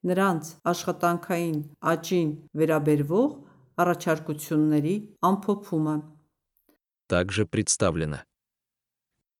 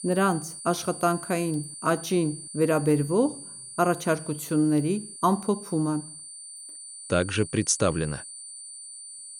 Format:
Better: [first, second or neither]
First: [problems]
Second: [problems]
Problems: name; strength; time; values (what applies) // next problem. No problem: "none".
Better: first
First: none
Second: high-pitched whine; noticeable; throughout; 9 kHz, 10 dB below the speech